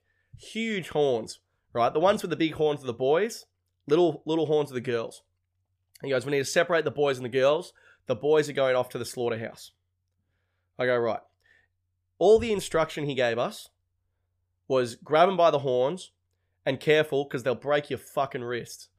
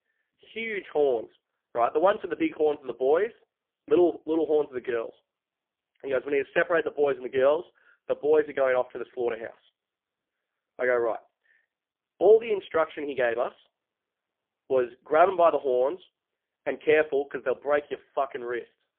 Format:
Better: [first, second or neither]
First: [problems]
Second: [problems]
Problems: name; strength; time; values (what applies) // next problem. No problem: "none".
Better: first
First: none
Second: phone-call audio; poor line; nothing above 3.5 kHz